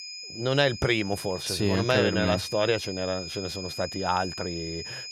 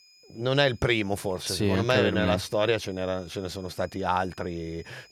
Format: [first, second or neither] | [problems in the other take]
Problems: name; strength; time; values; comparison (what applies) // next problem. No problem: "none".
second | high-pitched whine; loud; throughout; 5 kHz, 9 dB below the speech; faint in the second